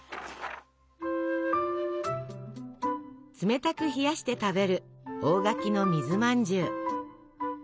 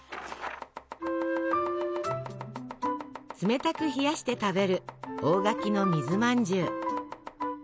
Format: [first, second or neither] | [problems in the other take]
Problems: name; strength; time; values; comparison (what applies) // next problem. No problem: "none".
first | background sound (Domestic sounds, home sounds); 15 dB below the speech